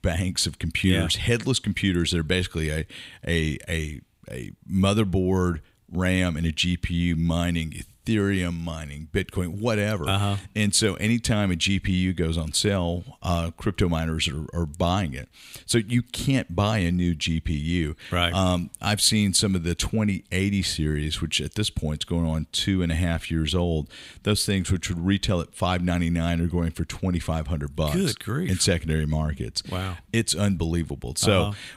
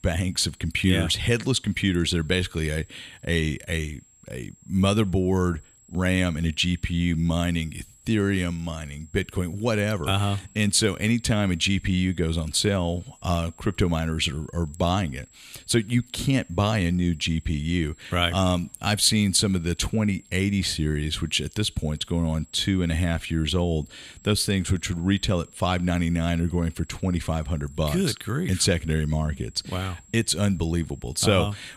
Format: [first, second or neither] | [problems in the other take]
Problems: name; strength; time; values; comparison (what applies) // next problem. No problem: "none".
first | high-pitched whine; faint; throughout; 7.5 kHz, 30 dB below the speech